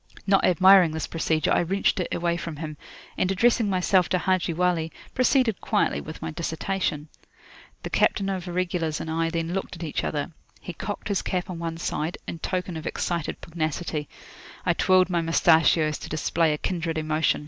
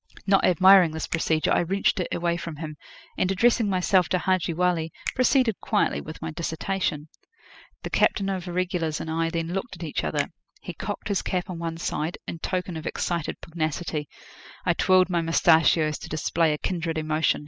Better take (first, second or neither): first